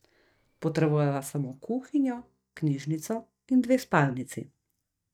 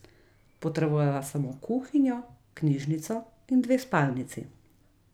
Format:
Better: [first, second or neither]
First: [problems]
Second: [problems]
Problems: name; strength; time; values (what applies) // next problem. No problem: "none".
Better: second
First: noise reduction (neural mask model DeepFilterNet 3)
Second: none